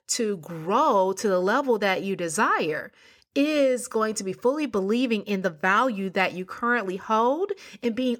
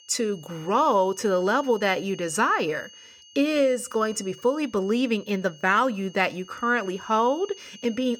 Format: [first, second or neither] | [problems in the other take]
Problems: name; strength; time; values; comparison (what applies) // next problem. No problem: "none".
first | high-pitched whine; faint; throughout; 3 kHz, 20 dB below the speech